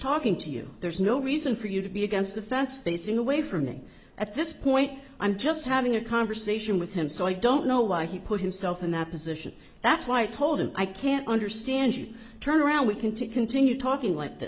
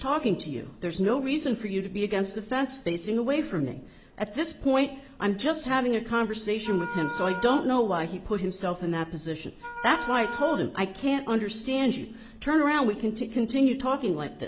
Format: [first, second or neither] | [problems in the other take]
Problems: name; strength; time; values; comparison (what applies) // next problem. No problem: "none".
first | background sound (Wind instrument, woodwind instrument); 11 dB below the speech